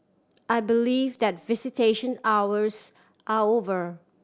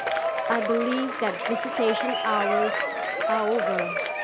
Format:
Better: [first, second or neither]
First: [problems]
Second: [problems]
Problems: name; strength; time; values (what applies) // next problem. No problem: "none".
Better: first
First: none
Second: background sound (Applause / Crowd / Cheering); 2 dB above the speech